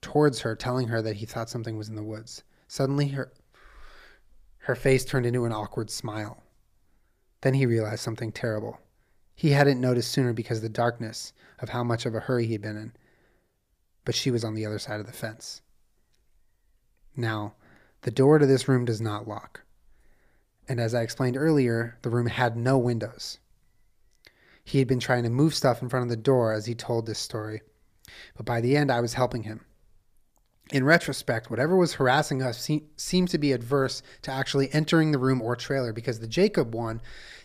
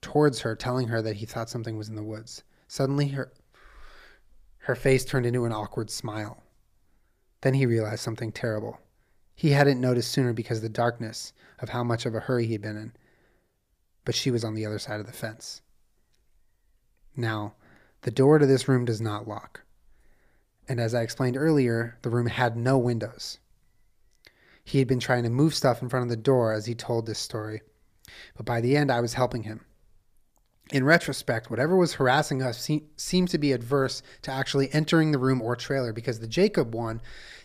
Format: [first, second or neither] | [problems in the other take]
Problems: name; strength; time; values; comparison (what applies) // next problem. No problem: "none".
neither | none